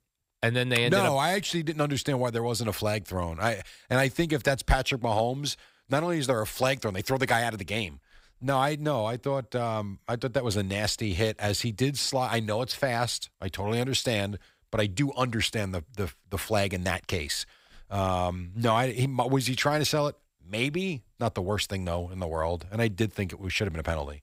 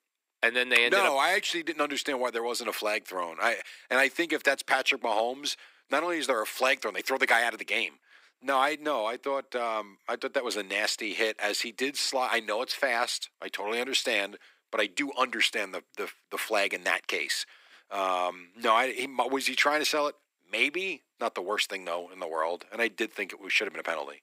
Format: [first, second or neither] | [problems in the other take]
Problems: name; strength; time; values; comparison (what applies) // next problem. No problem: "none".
first | thin; somewhat; fading below 300 Hz